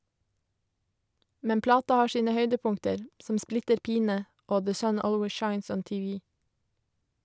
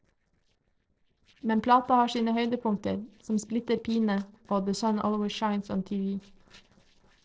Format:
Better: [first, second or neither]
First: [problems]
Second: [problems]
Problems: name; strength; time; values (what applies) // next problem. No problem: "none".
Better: first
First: none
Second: noise reduction (neural separator model SepFormer DNS4)